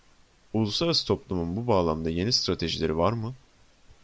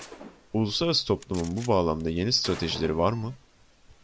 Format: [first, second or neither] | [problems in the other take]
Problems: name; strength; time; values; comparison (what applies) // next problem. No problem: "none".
first | background sound (Alarm + Gunshot, gunfire); 19 dB below the speech